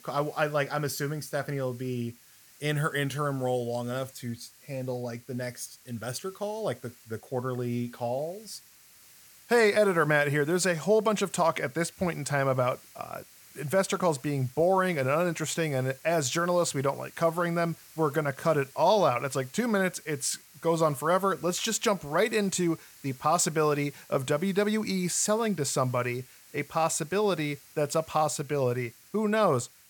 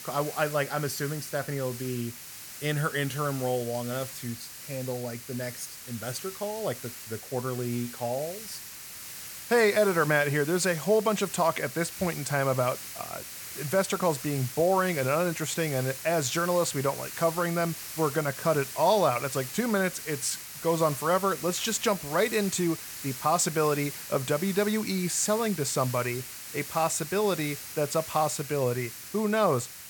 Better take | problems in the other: first | hiss; loud; throughout; 10 dB below the speech; faint in the first

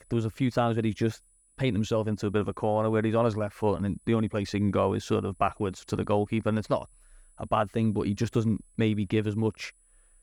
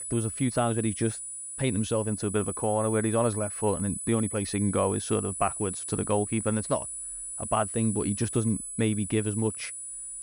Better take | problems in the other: first | high-pitched whine; loud; throughout; 10 kHz, 5 dB below the speech; faint in the first

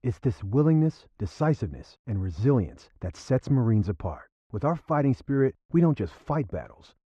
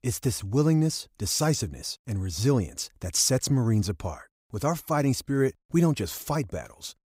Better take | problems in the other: second | muffled; very; fading above 1.5 kHz

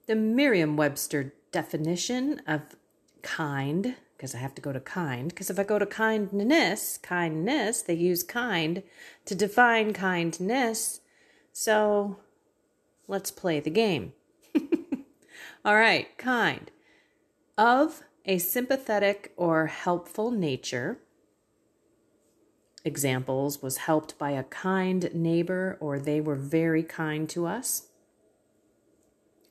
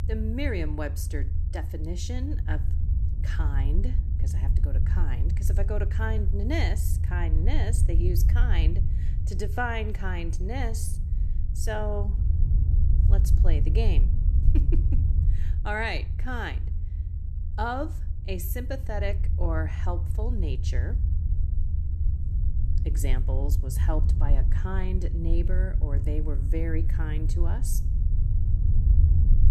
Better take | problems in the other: first | low rumble; loud; throughout; 9 dB below the speech

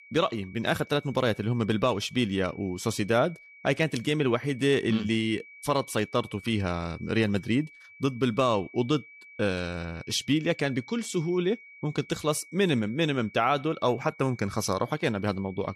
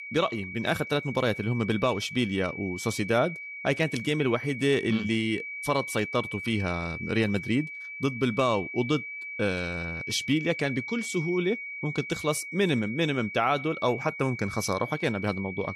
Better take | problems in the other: first | high-pitched whine; loud; throughout; 2.5 kHz, 8 dB below the speech; faint in the first

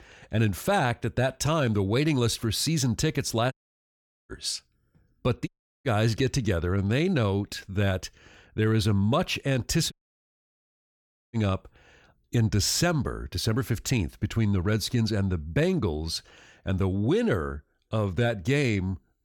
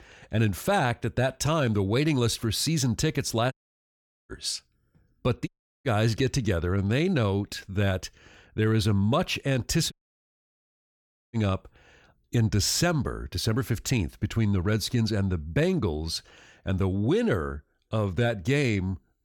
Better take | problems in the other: neither | audio cutting out; at 3.5 s for 1 s, at 5.5 s and at 10 s for 1.5 s; the same in both

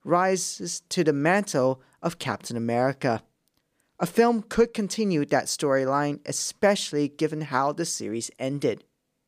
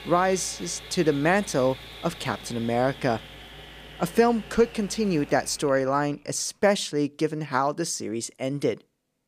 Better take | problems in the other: first | machinery noise; noticeable; until 6 s; 15 dB below the speech

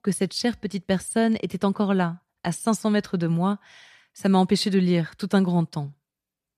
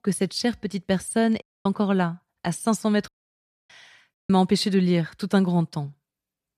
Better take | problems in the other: first | audio cutting out; at 1.5 s, at 3 s for 0.5 s and at 4 s

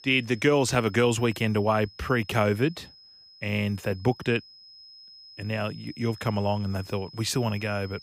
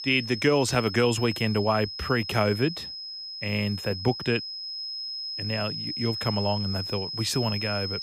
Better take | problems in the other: first | high-pitched whine; loud; throughout; 5 kHz, 6 dB below the speech; faint in the first

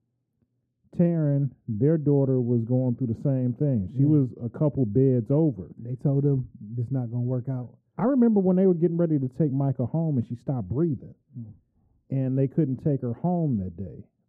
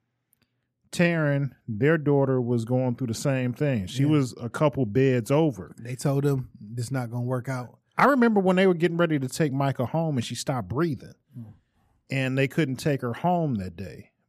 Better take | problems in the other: second | muffled; very; fading above 1 kHz

